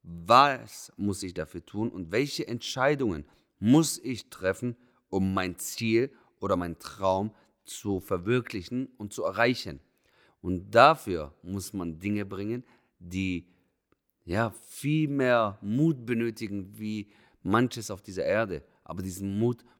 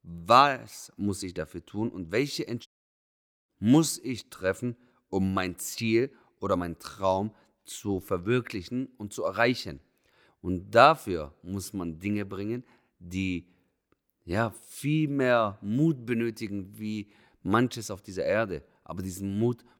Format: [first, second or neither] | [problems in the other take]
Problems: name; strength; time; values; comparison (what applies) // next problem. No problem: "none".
first | audio cutting out; at 2.5 s for 1 s